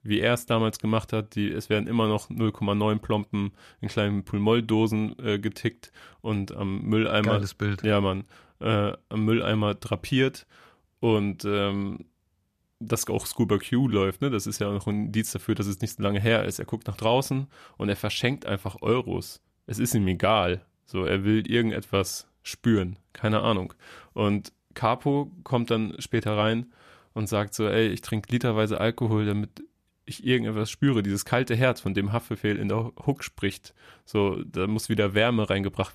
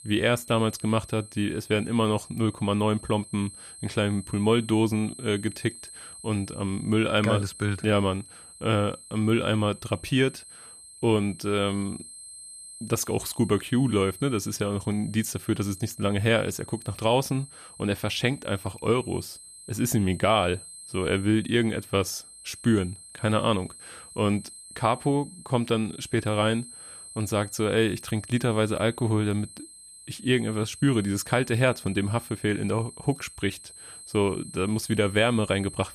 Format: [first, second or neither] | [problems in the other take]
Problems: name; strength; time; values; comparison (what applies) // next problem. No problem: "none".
first | high-pitched whine; noticeable; throughout; 8.5 kHz, 15 dB below the speech